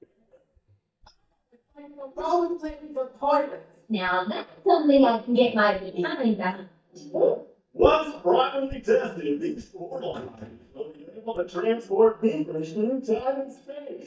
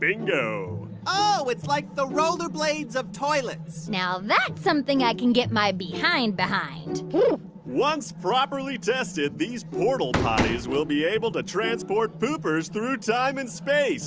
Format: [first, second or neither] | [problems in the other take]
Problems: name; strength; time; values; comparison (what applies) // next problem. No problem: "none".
second | noise reduction (neural mask model DeepFilterNet 3)